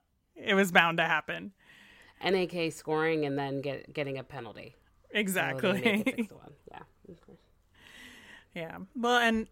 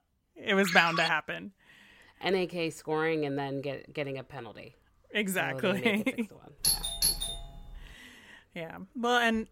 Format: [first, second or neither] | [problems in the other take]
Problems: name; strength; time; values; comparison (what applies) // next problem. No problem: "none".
first | phone ringing; noticeable; at 0.5 s; peak 1 dB below the speech // doorbell; loud; from 6.5 to 8 s; peak 3 dB above the speech